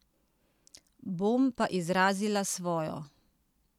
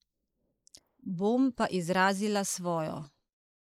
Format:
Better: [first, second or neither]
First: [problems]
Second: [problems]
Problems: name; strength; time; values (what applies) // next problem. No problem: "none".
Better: first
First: none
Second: noise reduction (neural mask model Resemble Enhance denoiser)